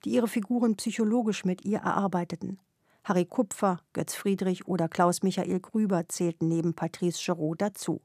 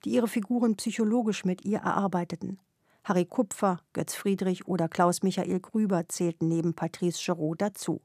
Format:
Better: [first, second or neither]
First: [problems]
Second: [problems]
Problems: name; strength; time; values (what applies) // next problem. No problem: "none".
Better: neither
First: none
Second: none